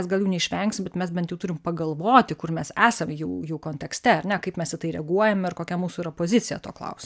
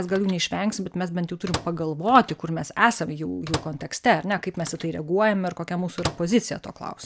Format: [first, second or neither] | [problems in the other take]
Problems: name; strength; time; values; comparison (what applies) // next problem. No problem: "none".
first | background sound (Microwave oven); 13 dB below the speech